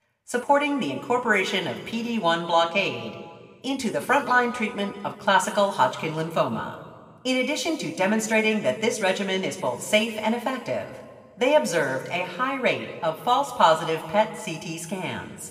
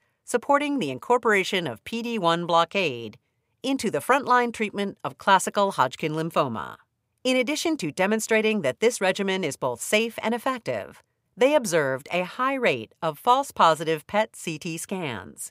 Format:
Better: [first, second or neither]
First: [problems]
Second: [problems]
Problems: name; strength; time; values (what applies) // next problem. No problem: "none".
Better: second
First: room echo; slight; dies away in 1.4 s // off-mic speech; somewhat distant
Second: none